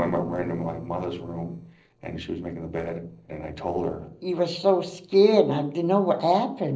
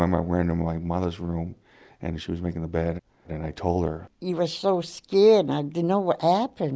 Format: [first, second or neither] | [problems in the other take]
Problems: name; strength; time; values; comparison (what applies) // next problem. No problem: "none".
second | noise reduction (neural separator model SepFormer DNS4)